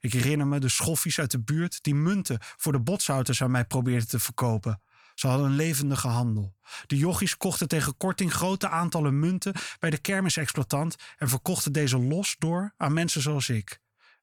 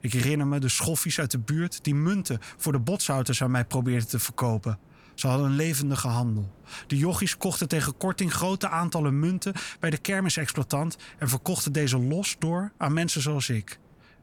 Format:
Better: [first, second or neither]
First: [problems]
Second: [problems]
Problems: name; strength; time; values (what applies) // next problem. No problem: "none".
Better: first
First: none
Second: hiss; faint; throughout; 30 dB below the speech